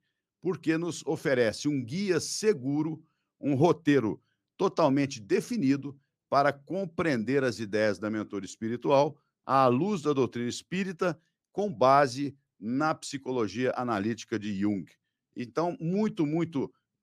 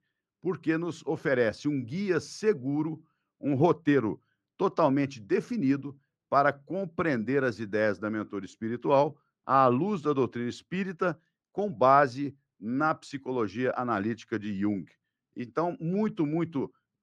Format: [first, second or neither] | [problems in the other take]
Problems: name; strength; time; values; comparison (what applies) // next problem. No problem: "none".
first | muffled; slightly; fading above 2.5 kHz